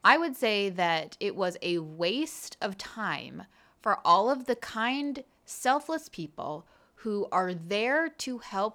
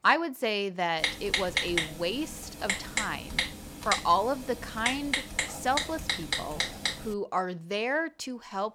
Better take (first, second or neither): first